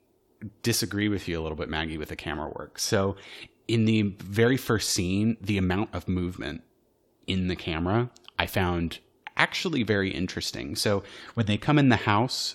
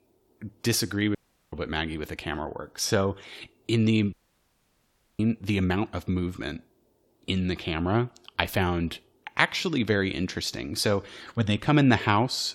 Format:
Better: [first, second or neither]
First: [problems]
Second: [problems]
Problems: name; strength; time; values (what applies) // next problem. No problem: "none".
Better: first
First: none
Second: audio cutting out; at 1 s and at 4 s for 1 s